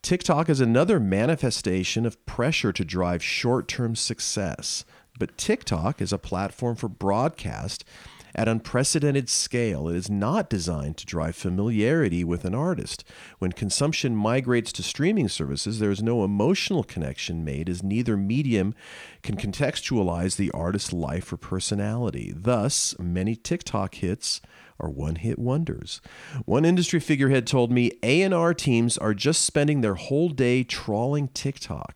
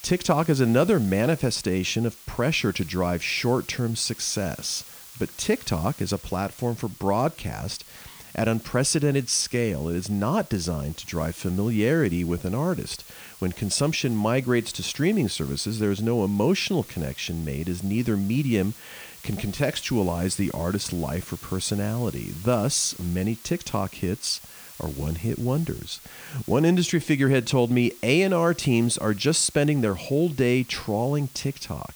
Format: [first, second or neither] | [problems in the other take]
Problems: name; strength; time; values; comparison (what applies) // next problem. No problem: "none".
first | hiss; noticeable; throughout; 20 dB below the speech